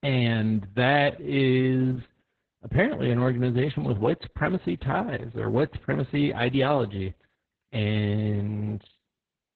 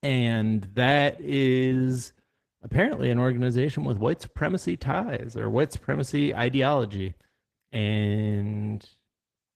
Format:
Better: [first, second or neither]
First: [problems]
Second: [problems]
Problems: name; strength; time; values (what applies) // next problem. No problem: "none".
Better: second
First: garbled, watery; badly; nothing above 4 kHz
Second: garbled, watery; slightly; nothing above 14 kHz